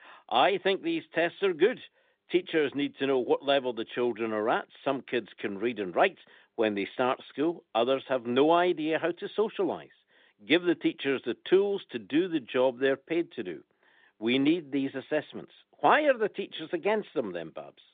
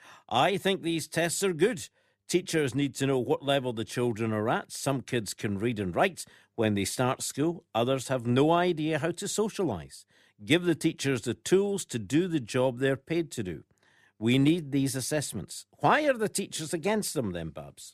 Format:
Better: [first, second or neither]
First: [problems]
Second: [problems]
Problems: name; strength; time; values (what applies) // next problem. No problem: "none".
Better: second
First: phone-call audio; nothing above 3.5 kHz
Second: none